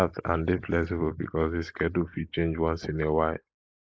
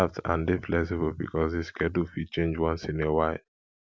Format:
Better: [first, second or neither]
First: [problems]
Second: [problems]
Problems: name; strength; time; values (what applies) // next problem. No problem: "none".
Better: second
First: noise reduction (neural mask model Resemble Enhance denoiser)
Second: none